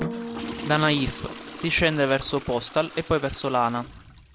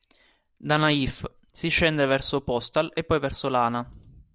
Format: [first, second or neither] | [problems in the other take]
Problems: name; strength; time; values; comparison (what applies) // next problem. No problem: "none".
second | background sound (Bass guitar + Toilet flush / Water); 11 dB below the speech